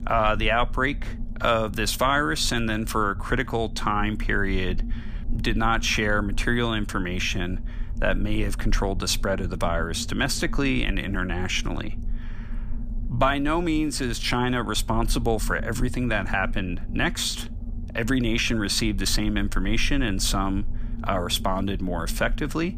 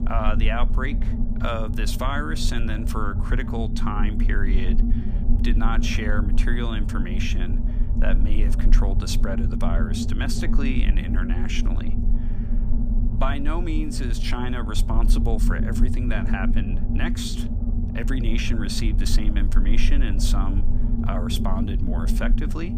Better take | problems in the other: first | low rumble; loud; throughout; 6 dB below the speech; faint in the first

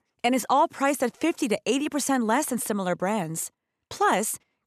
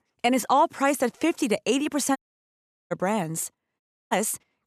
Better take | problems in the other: first | audio cutting out; at 2 s for 0.5 s and at 4 s

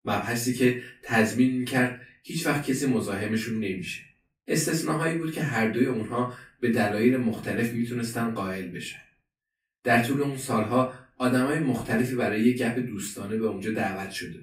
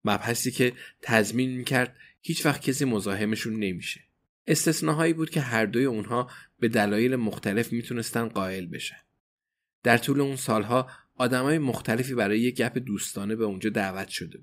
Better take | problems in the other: second | off-mic speech; far // room echo; slight; dies away in 0.3 s

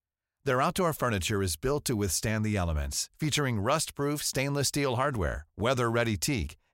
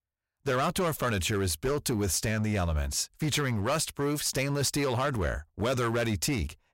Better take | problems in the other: first | distortion; slight; 11% of the sound clipped

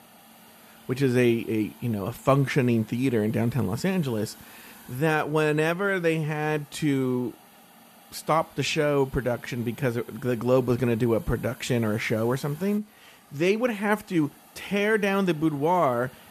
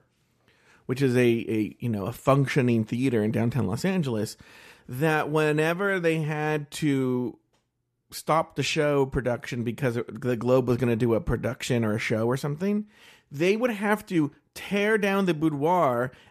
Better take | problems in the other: second | hiss; faint; throughout; 25 dB below the speech

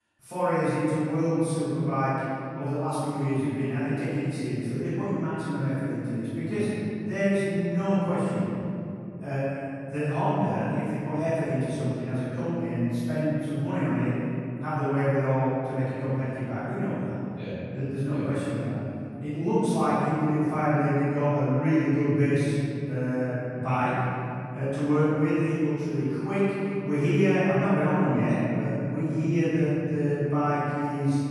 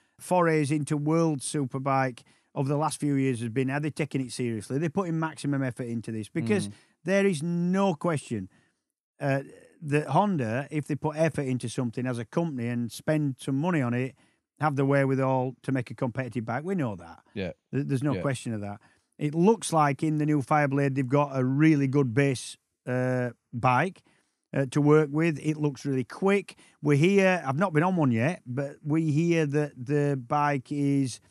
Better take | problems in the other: second | off-mic speech; far // room echo; strong; dies away in 3 s

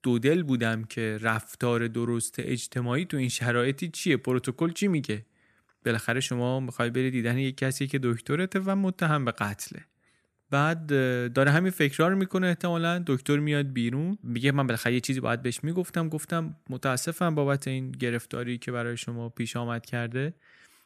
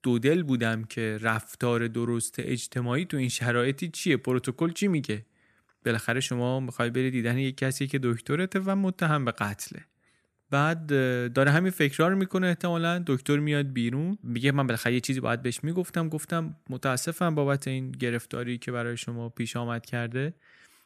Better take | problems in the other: neither | none

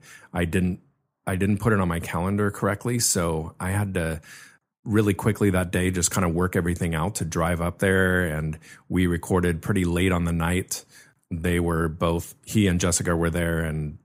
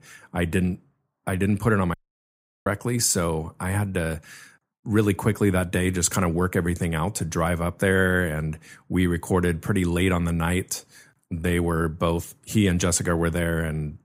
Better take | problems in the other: first | audio cutting out; at 2 s for 0.5 s

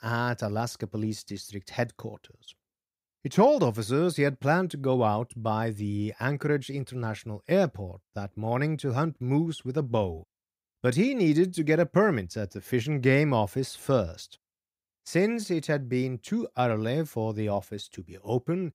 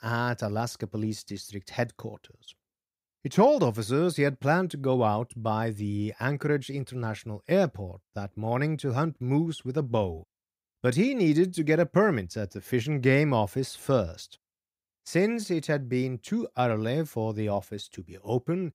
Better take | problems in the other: neither | none

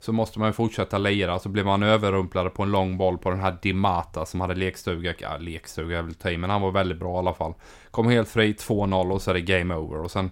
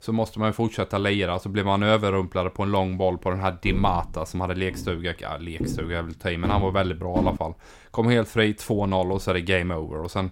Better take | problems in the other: first | footsteps; noticeable; from 3.5 to 7.5 s; peak 2 dB below the speech

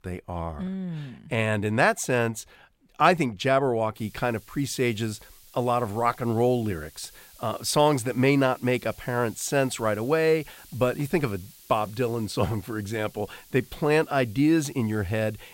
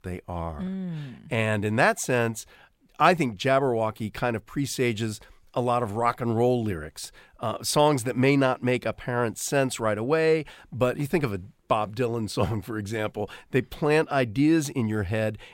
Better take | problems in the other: second | hiss; faint; from 4 s on; 25 dB below the speech

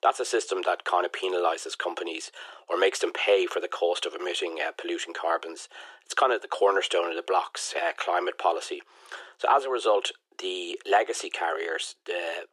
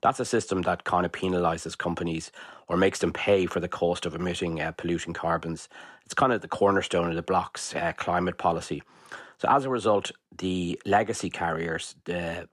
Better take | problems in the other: second | thin; very; fading below 350 Hz

